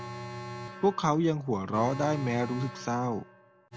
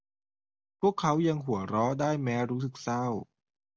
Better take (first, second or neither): second